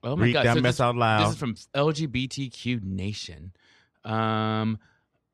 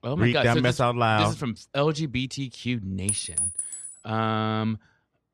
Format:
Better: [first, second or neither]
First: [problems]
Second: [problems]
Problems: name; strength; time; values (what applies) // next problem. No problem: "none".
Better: first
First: none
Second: clattering dishes; noticeable; at 3 s; peak level with the speech